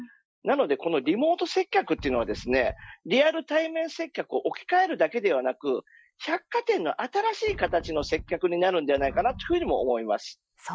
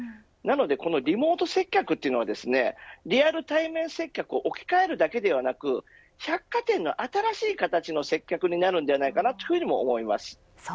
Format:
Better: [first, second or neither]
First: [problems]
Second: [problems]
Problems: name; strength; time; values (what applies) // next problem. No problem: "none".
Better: second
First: noise reduction (classical method Wiener filter)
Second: none